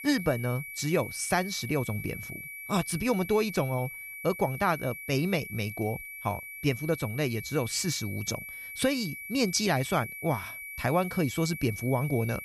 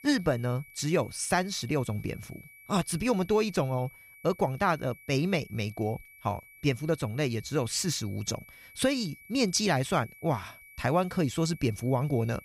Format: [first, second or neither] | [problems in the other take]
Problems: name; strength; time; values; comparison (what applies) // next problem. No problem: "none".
second | high-pitched whine; loud; throughout; 2.5 kHz, 9 dB below the speech; faint in the second